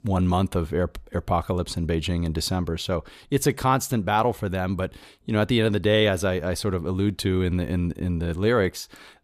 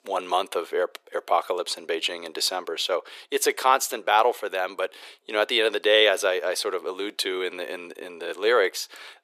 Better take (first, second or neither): first